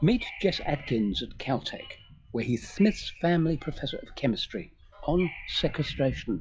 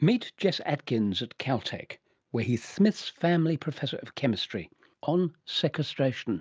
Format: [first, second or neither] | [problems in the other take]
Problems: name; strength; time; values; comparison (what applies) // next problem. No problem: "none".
second | noise reduction (classical method log-MMSE)